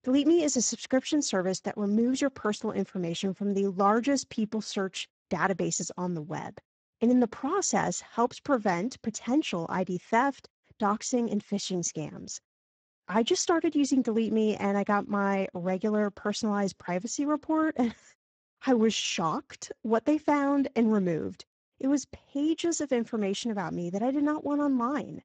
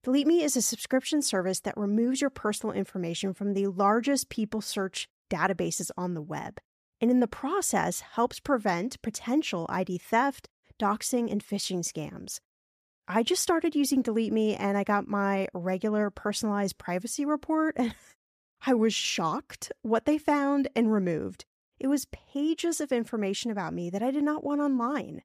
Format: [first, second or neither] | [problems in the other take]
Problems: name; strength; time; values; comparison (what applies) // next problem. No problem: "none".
second | garbled, watery; badly; nothing above 7.5 kHz